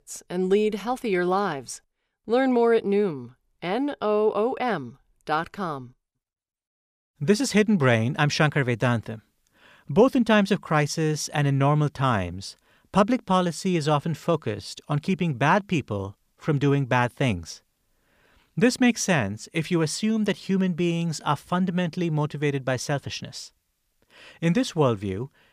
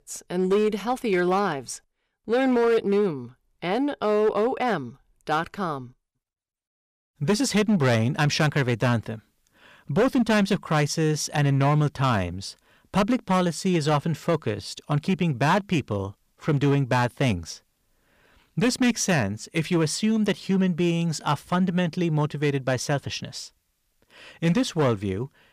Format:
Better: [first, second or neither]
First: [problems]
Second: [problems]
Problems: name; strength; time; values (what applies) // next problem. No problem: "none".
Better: first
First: none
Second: distortion; slight; 6% of the sound clipped